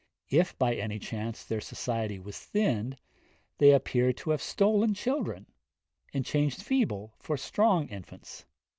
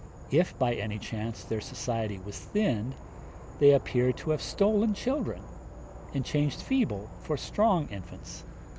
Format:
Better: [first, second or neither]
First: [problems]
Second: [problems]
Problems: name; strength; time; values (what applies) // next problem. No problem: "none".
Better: first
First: none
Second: background sound (Insect / Frog); 14 dB below the speech